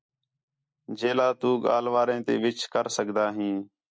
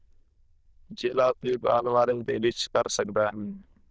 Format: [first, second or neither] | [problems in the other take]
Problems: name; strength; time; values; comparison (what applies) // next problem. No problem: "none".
first | noise reduction (neural diffusion model UNIVERSE++)